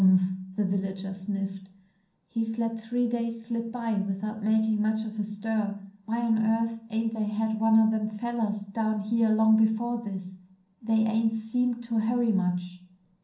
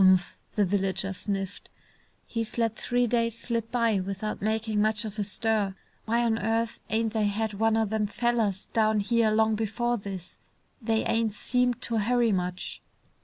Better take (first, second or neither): second